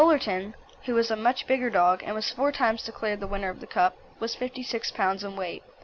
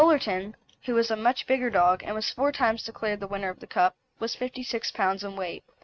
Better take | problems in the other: first | noise reduction (neural mask model RNNoise)

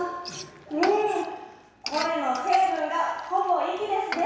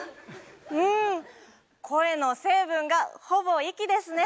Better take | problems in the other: second | background sound (Frying (food)); 13 dB below the speech // room echo; dies away in 1.1 s

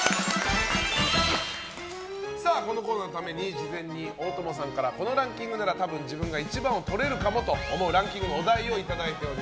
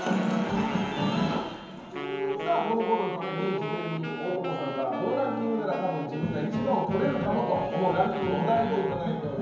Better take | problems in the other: first | background sound (Wind instrument, woodwind instrument); 10 dB below the speech // room echo; dies away in 0.9 s

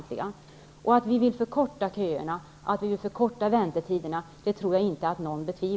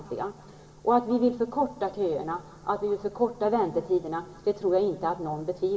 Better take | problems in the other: first | room echo; dies away in 2.4 s

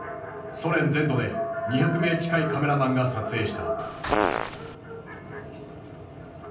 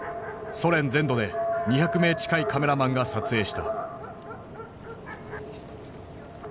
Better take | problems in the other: second | background sound (Fart); as loud as the speech // room echo; dies away in 0.6 s

